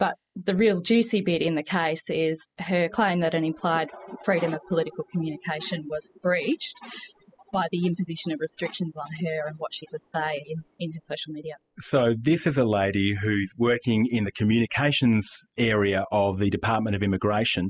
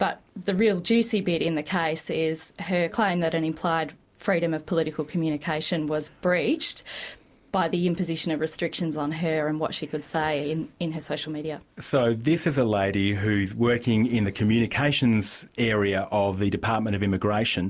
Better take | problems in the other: second | noise reduction (classical method spectral subtraction)

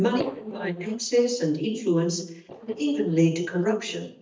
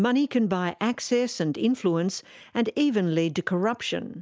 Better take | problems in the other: second | noise reduction (neural mask model DeepFilterNet 3)

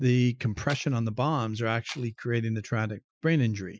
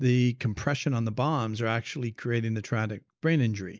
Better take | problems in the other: second | noise reduction (classical method Wiener filter)

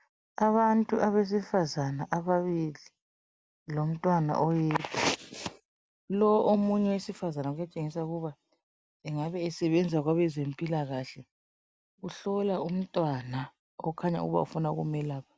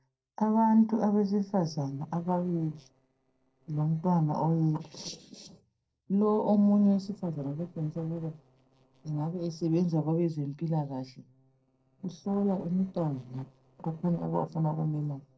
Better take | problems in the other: first | noise reduction (neural separator model SepFormer DNS4)

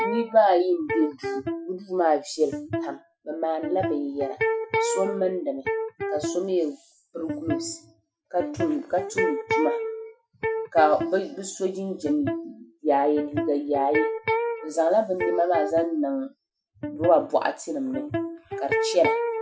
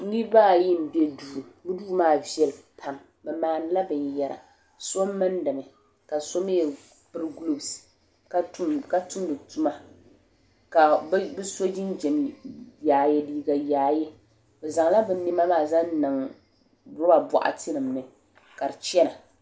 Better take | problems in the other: second | noise reduction (classical method Wiener filter)

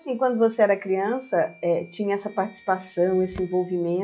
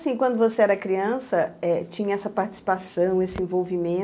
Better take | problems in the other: second | noise reduction (classical method log-MMSE)

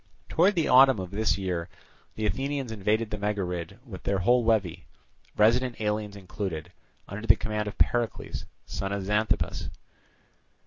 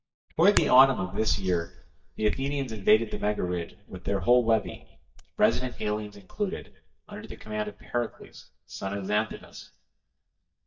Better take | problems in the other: first | noise reduction (neural mask model DeepFilterNet 3)

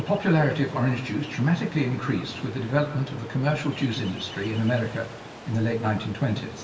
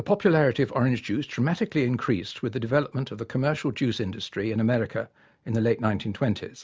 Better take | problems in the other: second | background sound (Ocean); 15 dB below the speech // room echo; dies away in 0.9 s

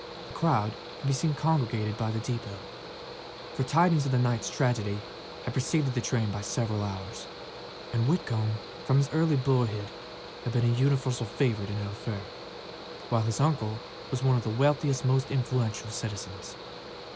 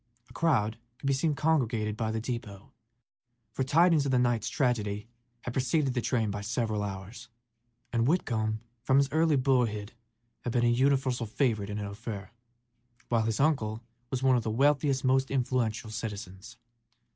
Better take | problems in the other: second | background sound (Mechanical fan); 13 dB below the speech

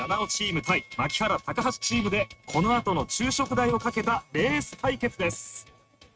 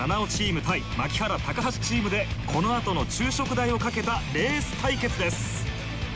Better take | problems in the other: second | noise reduction (neural mask model RNNoise)

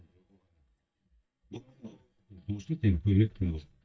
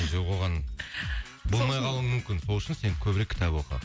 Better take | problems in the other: second | noise reduction (neural mask model DeepFilterNet 3)

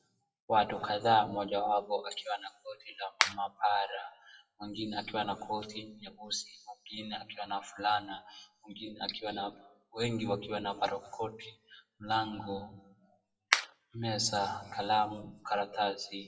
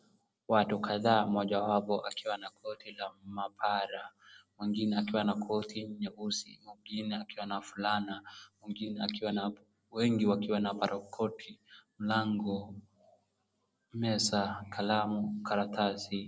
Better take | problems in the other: second | noise reduction (classical method WPE with log-MMSE)

